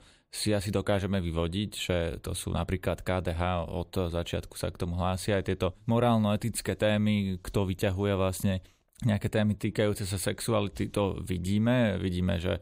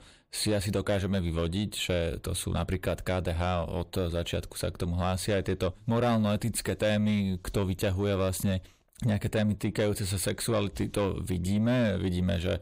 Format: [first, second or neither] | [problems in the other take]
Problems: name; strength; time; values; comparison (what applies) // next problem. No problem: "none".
first | distortion; slight; 10 dB below the speech